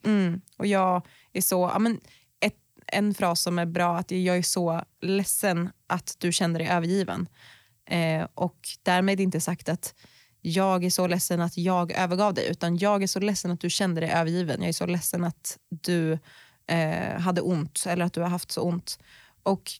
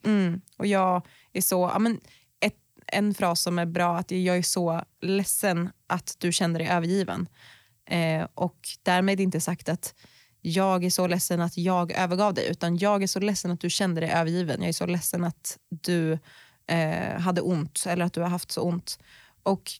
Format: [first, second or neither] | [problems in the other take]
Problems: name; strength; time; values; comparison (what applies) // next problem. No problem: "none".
neither | none